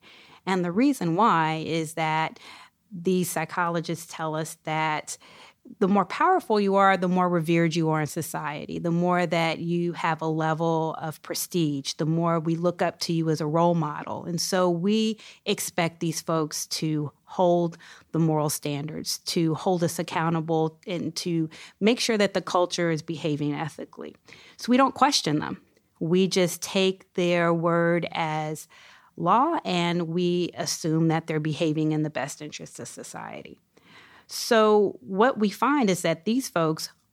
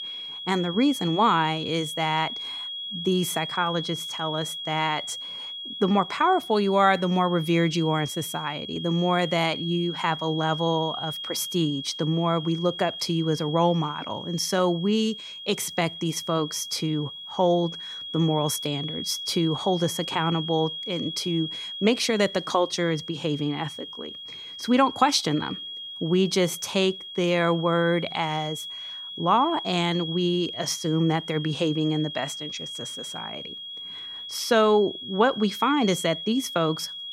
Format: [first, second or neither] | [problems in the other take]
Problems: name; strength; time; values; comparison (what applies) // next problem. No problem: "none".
first | high-pitched whine; loud; throughout; 3.5 kHz, 8 dB below the speech